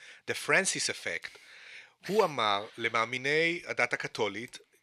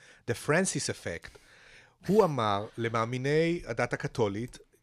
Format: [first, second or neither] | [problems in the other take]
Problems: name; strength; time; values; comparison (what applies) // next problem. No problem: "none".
second | thin; somewhat; fading below 1 kHz